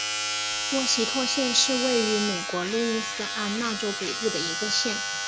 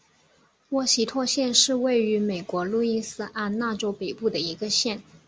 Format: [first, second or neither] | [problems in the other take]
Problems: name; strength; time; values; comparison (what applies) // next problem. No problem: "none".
second | background sound (Domestic sounds, home sounds); 1 dB below the speech